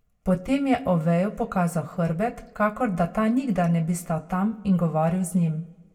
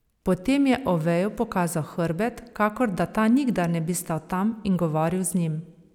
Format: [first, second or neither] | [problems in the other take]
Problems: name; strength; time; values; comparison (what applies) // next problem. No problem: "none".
second | room echo; dies away in 0.2 s